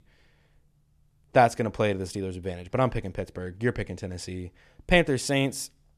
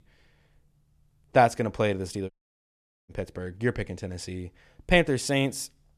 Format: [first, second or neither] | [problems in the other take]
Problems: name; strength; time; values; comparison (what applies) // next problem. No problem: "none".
first | audio cutting out; at 2.5 s for 1 s